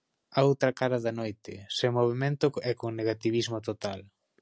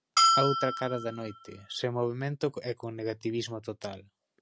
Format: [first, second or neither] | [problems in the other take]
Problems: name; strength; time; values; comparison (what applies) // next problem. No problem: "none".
first | background sound (Bell); 4 dB above the speech